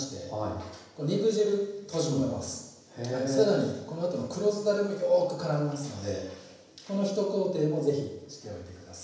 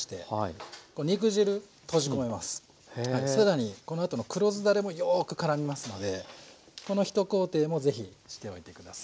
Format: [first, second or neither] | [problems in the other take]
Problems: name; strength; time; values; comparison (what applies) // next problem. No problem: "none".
second | room echo; dies away in 0.9 s